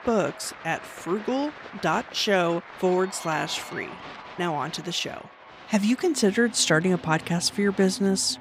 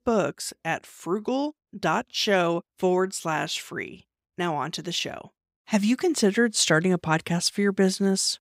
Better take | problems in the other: second | crowd noise; noticeable; throughout; 15 dB below the speech

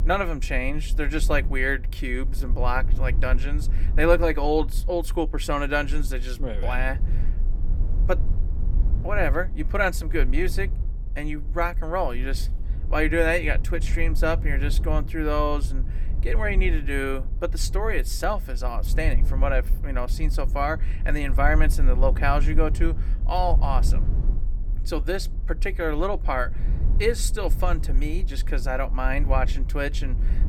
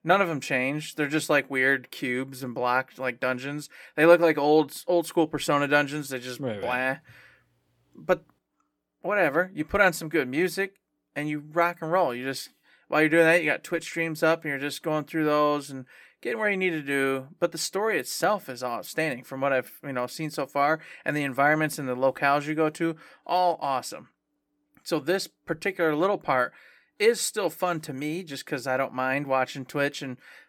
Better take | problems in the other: second | low rumble; noticeable; throughout; 20 dB below the speech

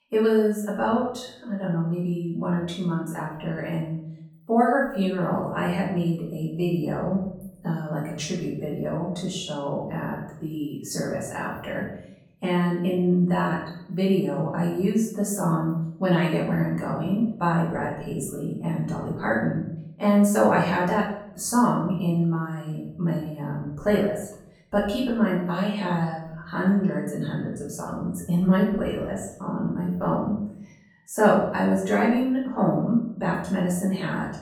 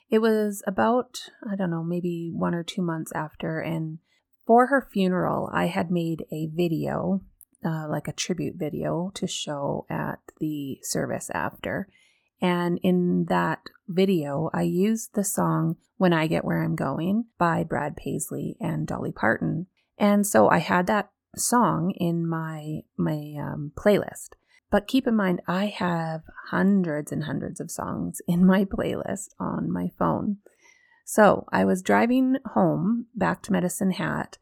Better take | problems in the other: second | room echo; noticeable; dies away in 0.6 s // off-mic speech; far

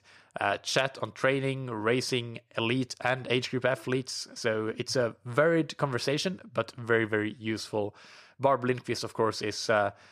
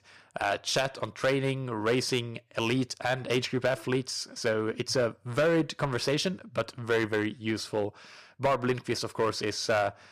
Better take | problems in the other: first | distortion; slight; 4% of the sound clipped

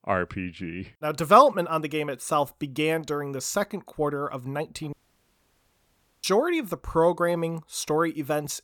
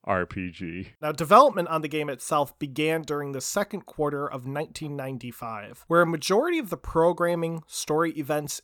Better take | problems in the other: second | audio cutting out; at 5 s for 1.5 s

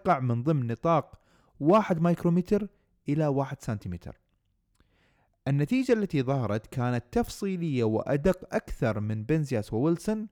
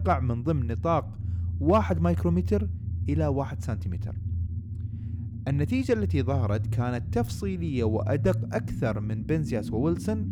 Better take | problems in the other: first | low rumble; noticeable; throughout; 15 dB below the speech

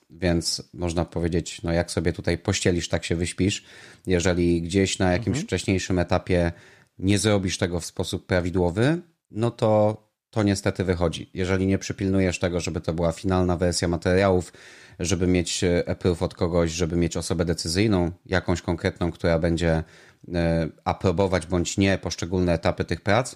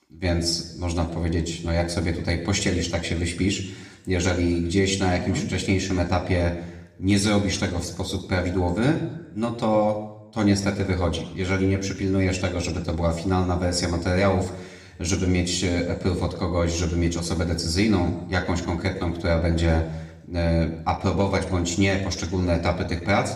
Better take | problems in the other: first | room echo; slight; dies away in 0.8 s

